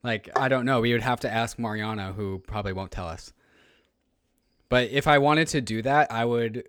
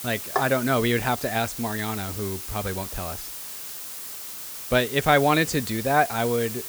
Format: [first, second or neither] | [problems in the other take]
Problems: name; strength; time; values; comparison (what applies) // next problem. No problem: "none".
first | hiss; loud; throughout; 9 dB below the speech